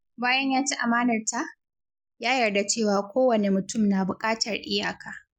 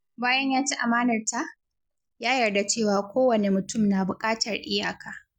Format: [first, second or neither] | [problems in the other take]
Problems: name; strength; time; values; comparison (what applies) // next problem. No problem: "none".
second | noise reduction (neural mask model Resemble Enhance denoiser)